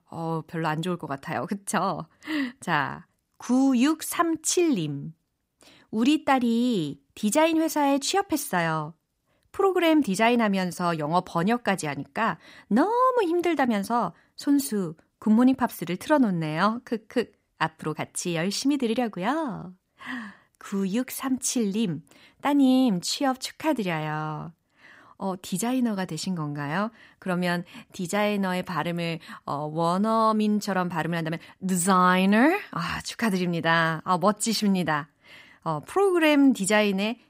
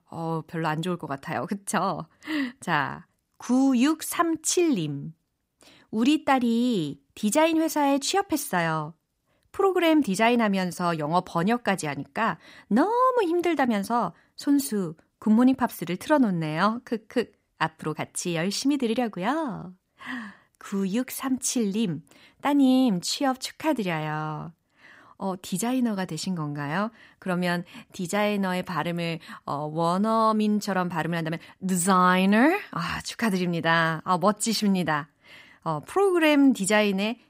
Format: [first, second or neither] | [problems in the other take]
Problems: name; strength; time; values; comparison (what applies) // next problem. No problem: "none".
neither | none